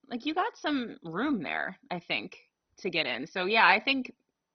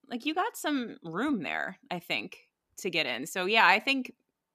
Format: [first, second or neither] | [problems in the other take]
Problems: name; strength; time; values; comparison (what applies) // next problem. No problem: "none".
second | garbled, watery; badly; nothing above 6 kHz